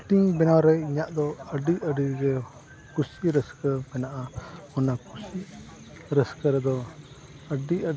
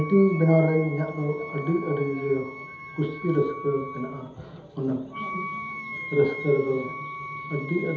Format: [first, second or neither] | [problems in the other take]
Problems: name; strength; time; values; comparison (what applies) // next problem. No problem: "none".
first | background sound (Wind instrument, woodwind instrument); 11 dB below the speech // room echo; dies away in 1.2 s